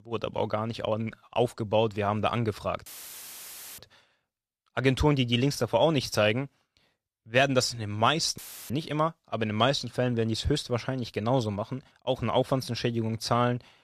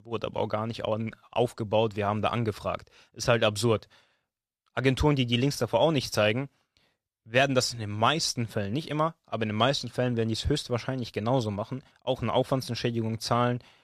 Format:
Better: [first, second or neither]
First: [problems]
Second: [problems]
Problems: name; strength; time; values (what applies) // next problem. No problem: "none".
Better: second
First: audio cutting out; filled with static; at 3 s for 1 s and at 8.5 s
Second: none